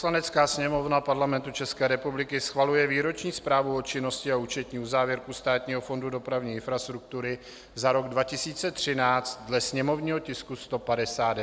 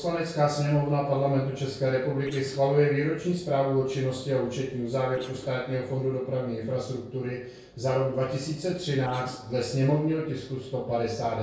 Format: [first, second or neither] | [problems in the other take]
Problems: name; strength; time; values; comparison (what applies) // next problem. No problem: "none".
first | noise reduction (neural separator model SepFormer DNS4)